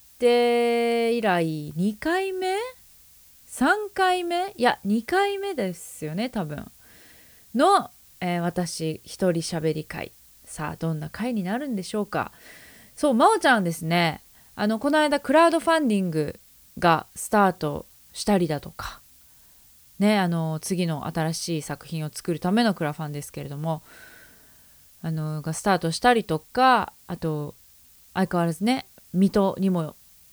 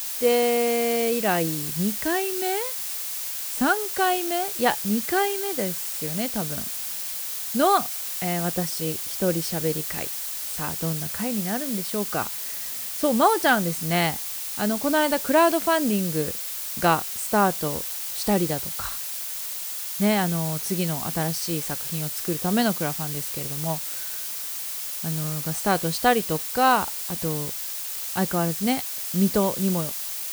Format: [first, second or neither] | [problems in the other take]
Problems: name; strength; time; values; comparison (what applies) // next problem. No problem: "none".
first | hiss; loud; throughout; 3 dB below the speech; faint in the first